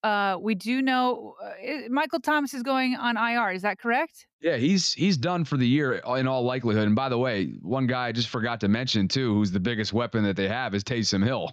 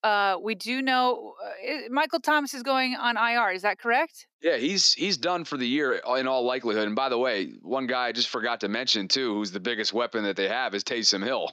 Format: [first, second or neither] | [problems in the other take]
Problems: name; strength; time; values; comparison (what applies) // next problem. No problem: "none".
first | thin; somewhat; fading below 300 Hz